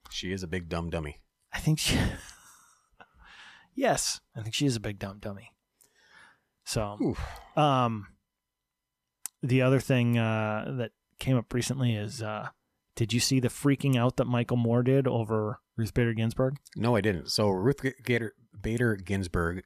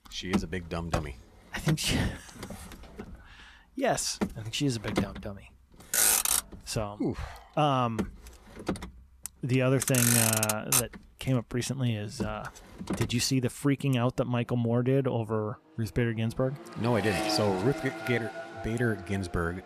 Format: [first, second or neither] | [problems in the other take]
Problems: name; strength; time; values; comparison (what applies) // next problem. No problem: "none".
first | traffic noise; very loud; throughout; as loud as the speech